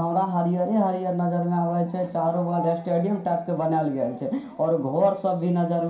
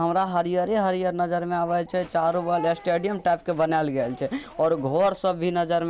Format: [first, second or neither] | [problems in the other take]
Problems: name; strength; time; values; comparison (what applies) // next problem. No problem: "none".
second | room echo; dies away in 0.5 s